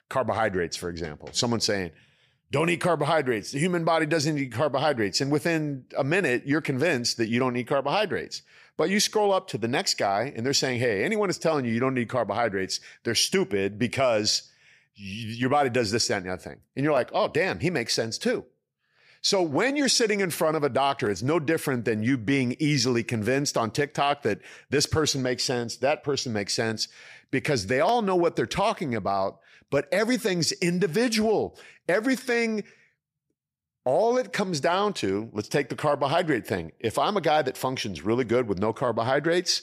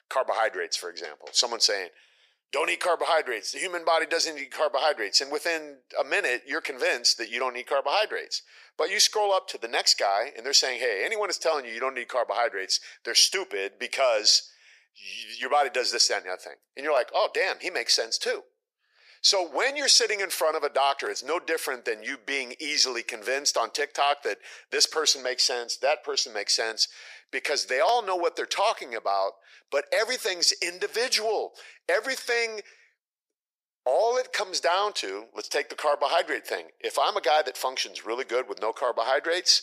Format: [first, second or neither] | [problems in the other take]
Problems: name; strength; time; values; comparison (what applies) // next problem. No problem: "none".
first | thin; very; fading below 450 Hz